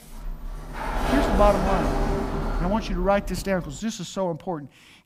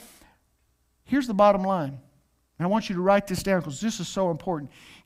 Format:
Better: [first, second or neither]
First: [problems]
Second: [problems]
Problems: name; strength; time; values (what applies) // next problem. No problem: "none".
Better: second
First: door banging; loud; until 3.5 s; peak 3 dB above the speech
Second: none